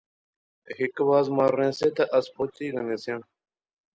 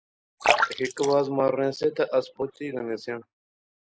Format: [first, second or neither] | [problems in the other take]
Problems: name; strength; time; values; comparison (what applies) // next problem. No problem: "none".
first | noise reduction (neural mask model Resemble Enhance denoiser)